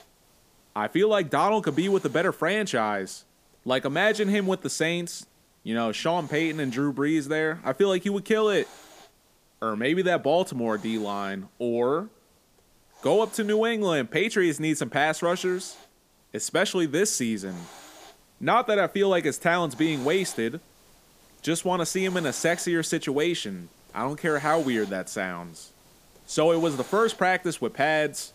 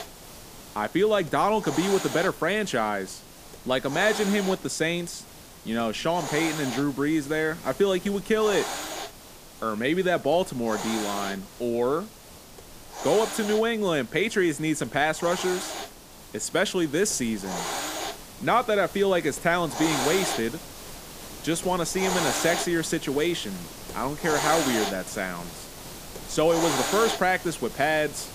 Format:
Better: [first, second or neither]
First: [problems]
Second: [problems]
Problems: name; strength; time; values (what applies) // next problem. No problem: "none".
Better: first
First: hiss; faint; throughout; 25 dB below the speech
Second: hiss; loud; throughout; 7 dB below the speech